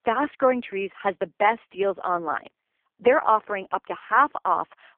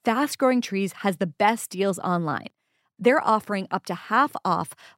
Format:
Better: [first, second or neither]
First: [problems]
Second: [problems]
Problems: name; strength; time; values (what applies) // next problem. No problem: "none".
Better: second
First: phone-call audio; poor line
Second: none